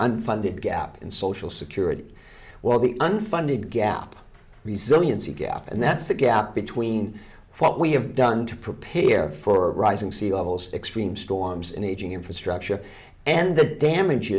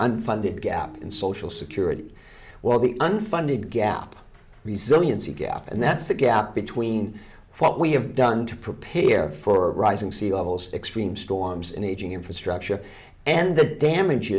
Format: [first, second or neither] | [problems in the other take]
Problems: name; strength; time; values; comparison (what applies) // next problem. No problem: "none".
first | background sound (Siren); 18 dB below the speech